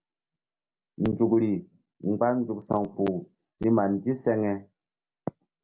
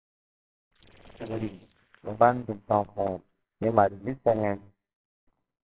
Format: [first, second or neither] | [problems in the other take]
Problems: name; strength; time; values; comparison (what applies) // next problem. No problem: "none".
first | noise reduction (neural separator model SepFormer WHAMR!)